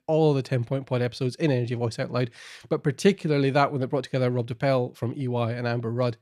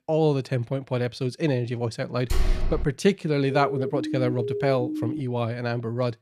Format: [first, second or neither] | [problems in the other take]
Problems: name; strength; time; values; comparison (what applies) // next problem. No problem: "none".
first | door banging; noticeable; at 2.5 s; peak 2 dB below the speech // siren; noticeable; from 3.5 to 5 s; peak 4 dB below the speech